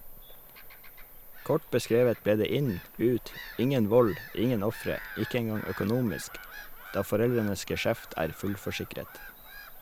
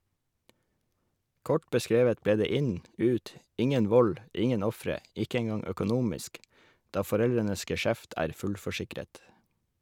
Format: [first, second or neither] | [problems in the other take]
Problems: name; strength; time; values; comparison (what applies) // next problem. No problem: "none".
second | background sound (Gull, seagull / Bird vocalization, bird call, bird song); 15 dB below the speech